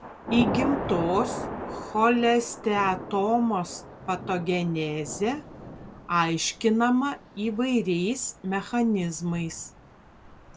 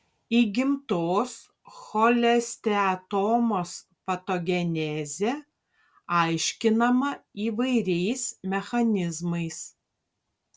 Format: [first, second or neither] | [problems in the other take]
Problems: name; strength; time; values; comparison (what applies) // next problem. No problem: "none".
second | background sound (Thunder / Rain); 10 dB below the speech